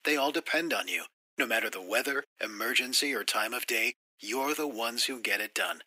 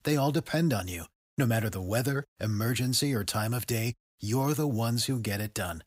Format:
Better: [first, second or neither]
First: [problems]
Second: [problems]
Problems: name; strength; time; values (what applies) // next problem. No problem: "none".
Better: second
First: thin; very; fading below 300 Hz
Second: none